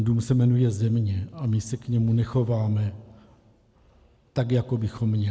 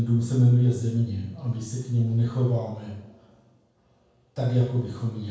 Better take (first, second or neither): first